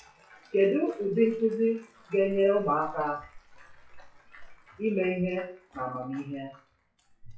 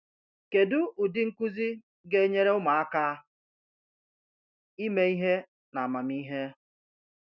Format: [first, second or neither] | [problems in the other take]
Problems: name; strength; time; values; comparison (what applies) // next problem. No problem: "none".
second | noise reduction (classical method WPE with log-MMSE)